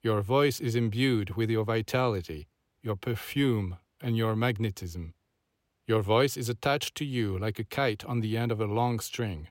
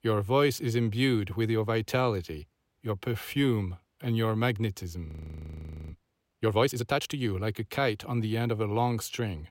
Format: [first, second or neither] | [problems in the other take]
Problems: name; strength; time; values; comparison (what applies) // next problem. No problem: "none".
first | audio freezing; at 5 s for 1 s